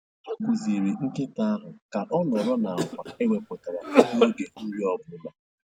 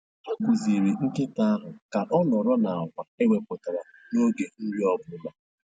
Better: second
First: background sound (Cough); 1 dB above the speech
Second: none

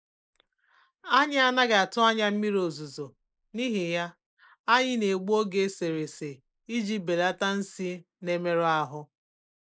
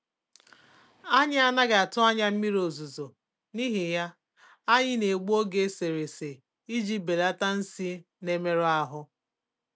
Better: second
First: noise reduction (neural mask model Resemble Enhance denoiser)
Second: none

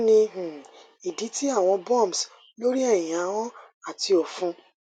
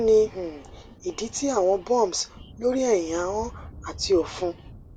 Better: first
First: none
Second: background sound (Thunder); 19 dB below the speech

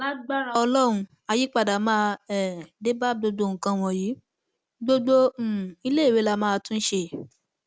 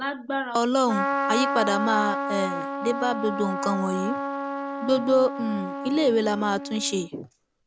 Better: first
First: none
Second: background sound (Trumpet); 5 dB below the speech

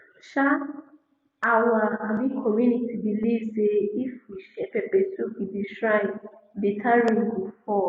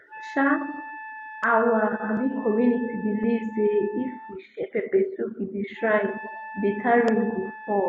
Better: first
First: none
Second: background sound (Wind instrument, woodwind instrument); 15 dB below the speech

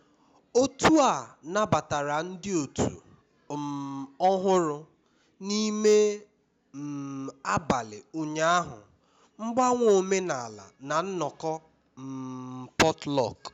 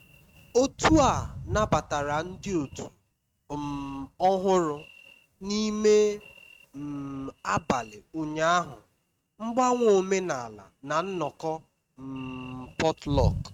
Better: first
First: none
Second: noise reduction (neural mask model RNNoise)

